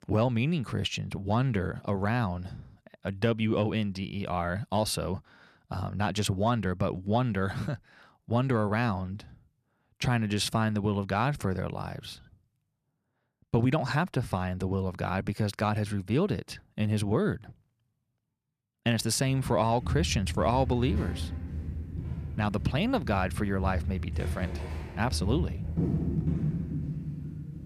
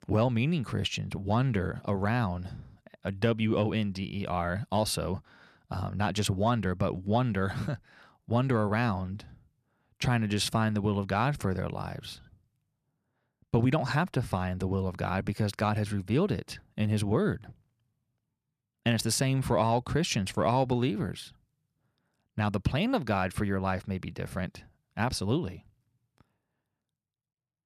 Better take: second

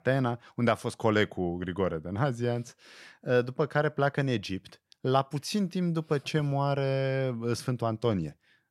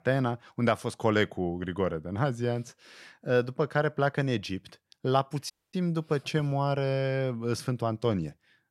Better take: first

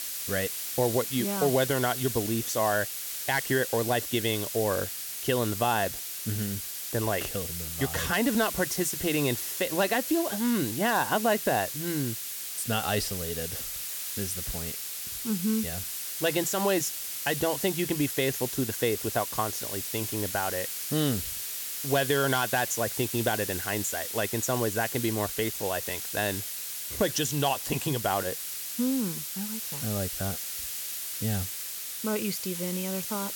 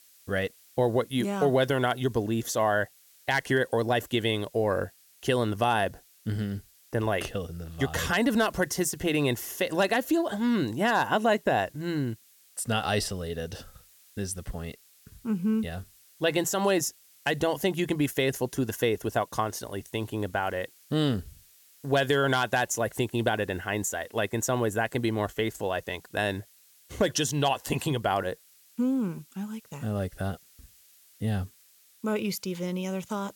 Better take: second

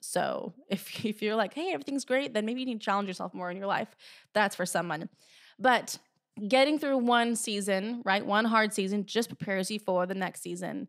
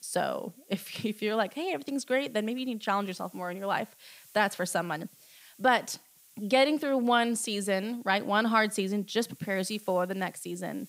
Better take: first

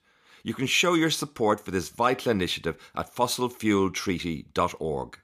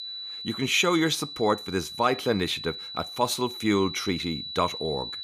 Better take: first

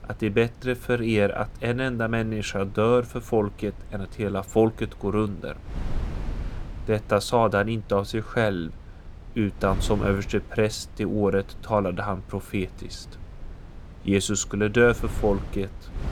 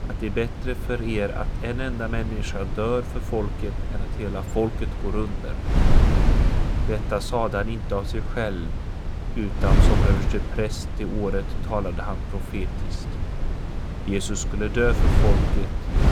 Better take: first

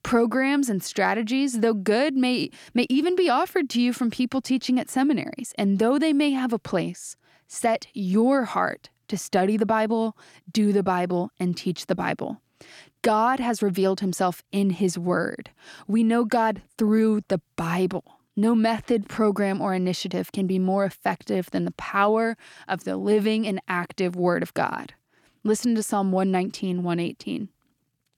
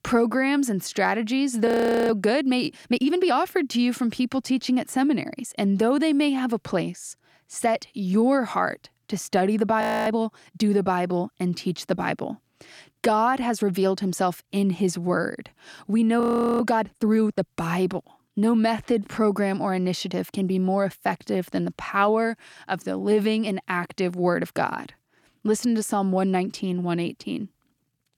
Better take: first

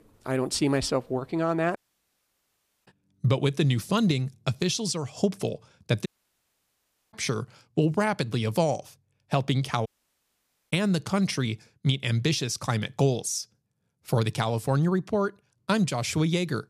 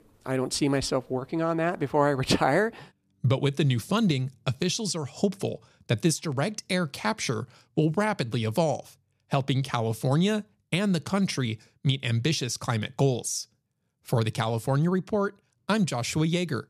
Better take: second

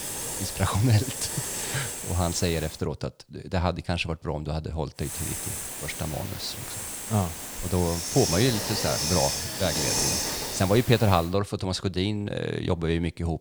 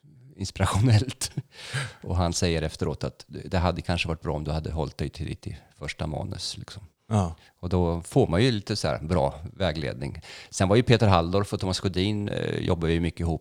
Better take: second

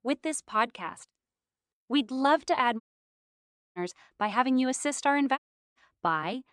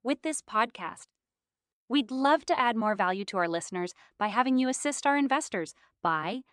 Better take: second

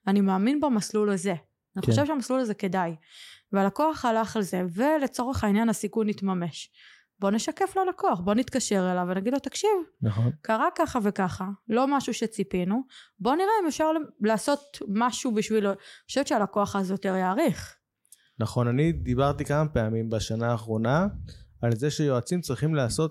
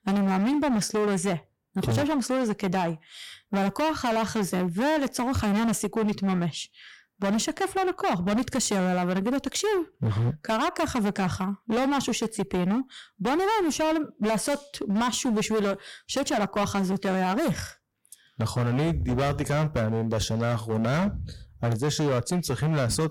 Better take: first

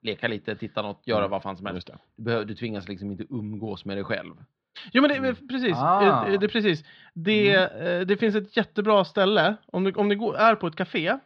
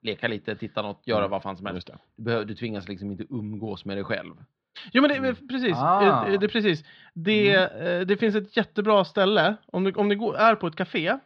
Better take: neither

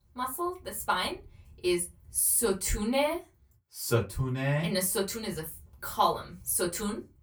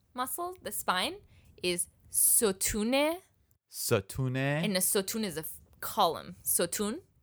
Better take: second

